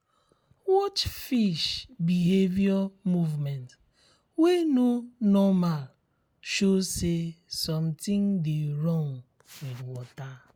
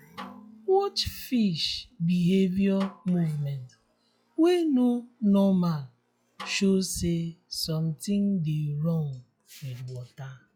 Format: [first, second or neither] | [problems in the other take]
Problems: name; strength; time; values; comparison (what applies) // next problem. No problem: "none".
first | noise reduction (classical method log-MMSE)